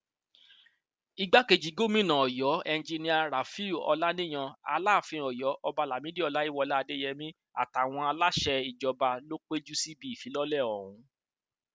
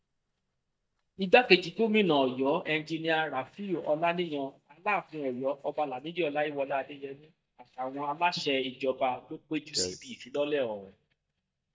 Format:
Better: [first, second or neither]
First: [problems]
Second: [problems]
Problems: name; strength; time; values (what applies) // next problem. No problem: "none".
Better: first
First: none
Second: noise reduction (neural mask model DeepFilterNet 3)